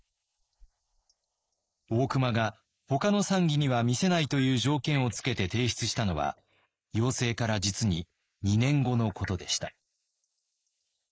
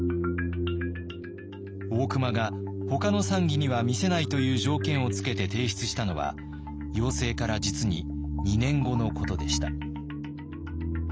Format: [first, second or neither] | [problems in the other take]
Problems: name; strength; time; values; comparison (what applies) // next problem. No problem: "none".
second | noise reduction (neural mask model Resemble Enhance denoiser)